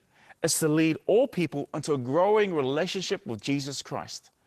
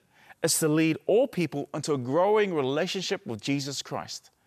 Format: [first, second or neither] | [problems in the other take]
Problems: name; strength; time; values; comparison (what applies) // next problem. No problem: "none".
second | garbled, watery; slightly; nothing above 13.5 kHz